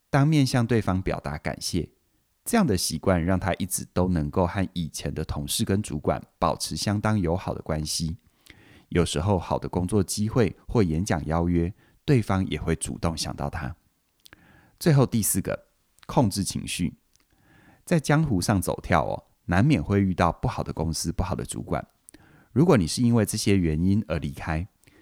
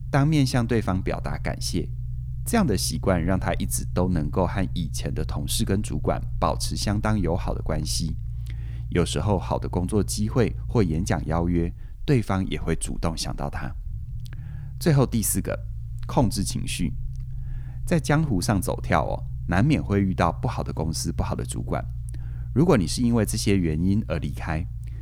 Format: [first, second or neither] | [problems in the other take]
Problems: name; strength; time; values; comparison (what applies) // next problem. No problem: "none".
first | low rumble; faint; throughout; 20 dB below the speech